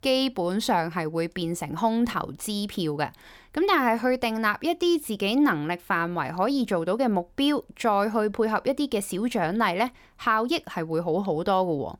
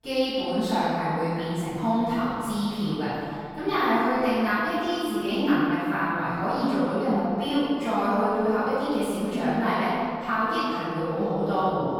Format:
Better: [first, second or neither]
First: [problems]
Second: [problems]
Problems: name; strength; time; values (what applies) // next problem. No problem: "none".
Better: first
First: none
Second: off-mic speech; far // room echo; strong; dies away in 2.4 s